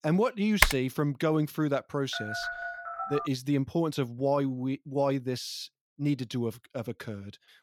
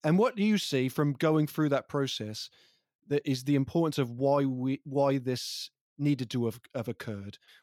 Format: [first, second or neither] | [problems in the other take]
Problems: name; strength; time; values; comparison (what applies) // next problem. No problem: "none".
second | keyboard typing; loud; at 0.5 s; peak 5 dB above the speech // phone ringing; noticeable; from 2 to 3.5 s; peak 4 dB below the speech